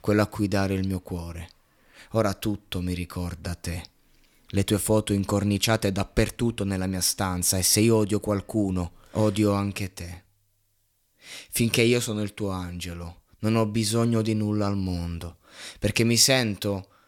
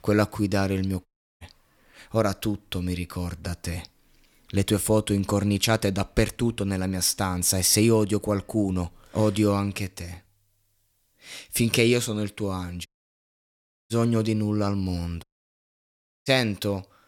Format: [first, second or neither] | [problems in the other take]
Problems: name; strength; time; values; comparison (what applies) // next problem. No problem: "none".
first | audio cutting out; at 1 s, at 13 s for 1 s and at 15 s for 1 s